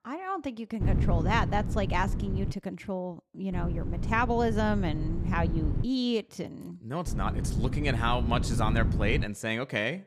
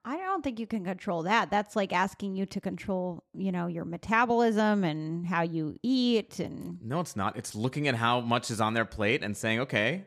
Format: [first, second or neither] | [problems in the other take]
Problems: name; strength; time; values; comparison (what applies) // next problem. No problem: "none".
second | wind noise on the microphone; occasional gusts; from 1 to 2.5 s, from 3.5 to 6 s and from 7 to 9 s; 10 dB below the speech